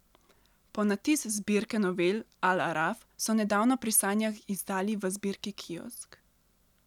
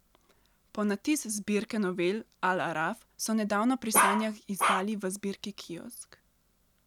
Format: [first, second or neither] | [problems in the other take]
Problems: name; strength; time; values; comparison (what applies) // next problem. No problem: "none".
first | background sound (Bark); 3 dB above the speech